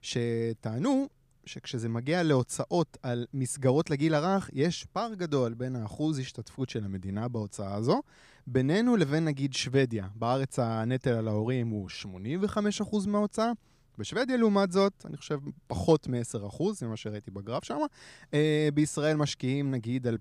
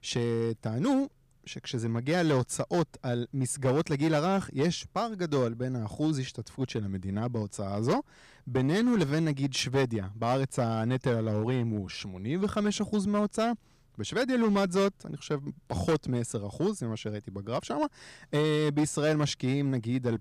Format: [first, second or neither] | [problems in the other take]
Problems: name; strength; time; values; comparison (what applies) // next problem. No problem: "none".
first | distortion; slight; 6% of the sound clipped